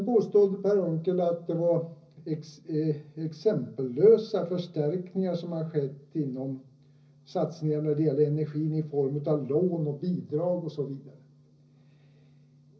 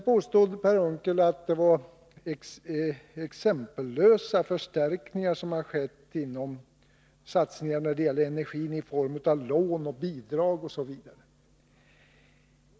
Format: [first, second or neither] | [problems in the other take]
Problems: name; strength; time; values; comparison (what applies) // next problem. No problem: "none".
second | room echo; dies away in 0.5 s